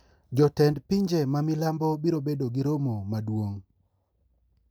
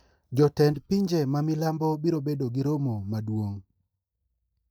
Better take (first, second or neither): first